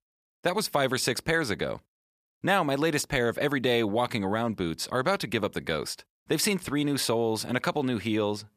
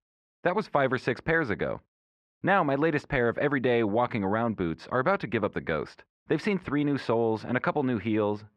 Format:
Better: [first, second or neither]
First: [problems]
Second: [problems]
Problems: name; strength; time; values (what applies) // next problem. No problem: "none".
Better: first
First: none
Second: muffled; very; fading above 1.5 kHz